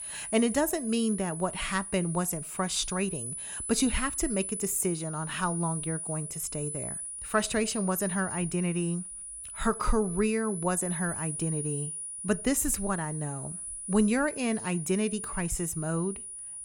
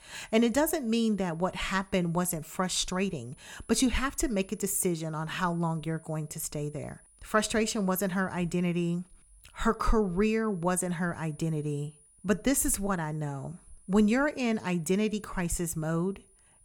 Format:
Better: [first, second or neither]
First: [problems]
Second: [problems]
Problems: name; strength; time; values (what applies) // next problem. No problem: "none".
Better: second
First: high-pitched whine; loud; throughout; 10 kHz, 6 dB below the speech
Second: high-pitched whine; faint; throughout; 10 kHz, 30 dB below the speech